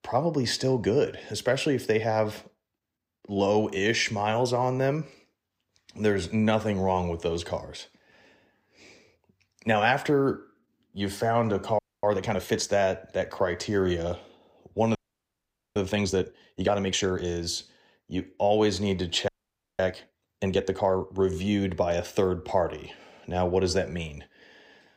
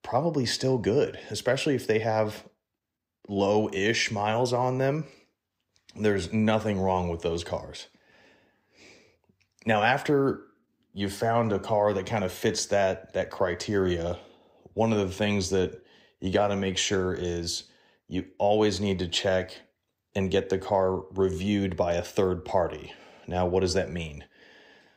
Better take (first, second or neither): second